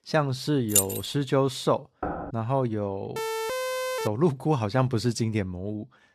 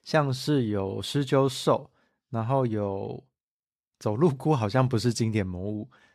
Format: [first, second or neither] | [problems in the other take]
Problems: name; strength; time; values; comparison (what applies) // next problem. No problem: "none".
second | jangling keys; loud; at 0.5 s; peak 4 dB above the speech // door banging; noticeable; at 2 s; peak 6 dB below the speech // siren; noticeable; at 3 s; peak 2 dB below the speech